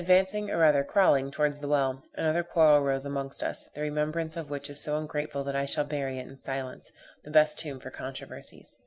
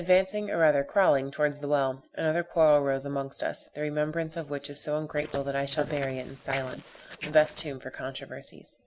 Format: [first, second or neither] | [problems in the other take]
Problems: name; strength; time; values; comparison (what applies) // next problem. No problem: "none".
first | noise reduction (neural mask model Resemble Enhance denoiser)